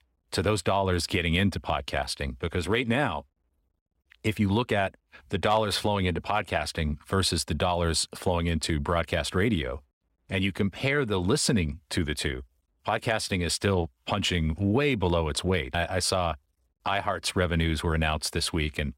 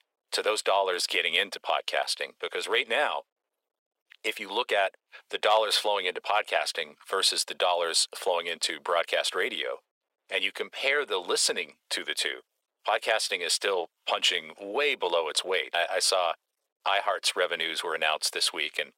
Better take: first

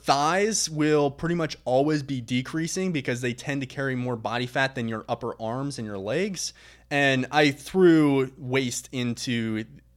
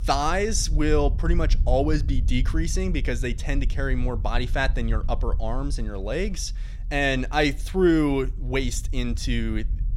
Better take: first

